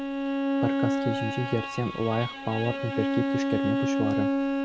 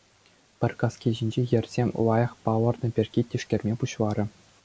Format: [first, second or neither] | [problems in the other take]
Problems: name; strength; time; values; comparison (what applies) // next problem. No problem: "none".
second | background sound (Bowed string instrument); 3 dB above the speech